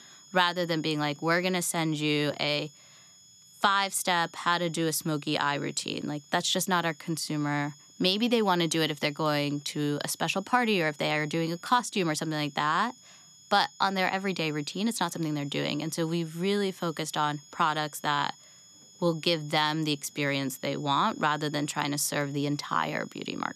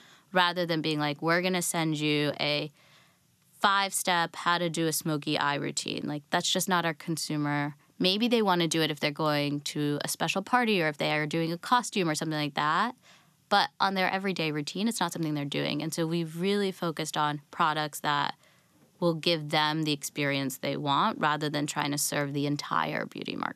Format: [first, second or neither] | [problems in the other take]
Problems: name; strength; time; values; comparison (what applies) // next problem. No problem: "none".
second | high-pitched whine; faint; throughout; 7 kHz, 25 dB below the speech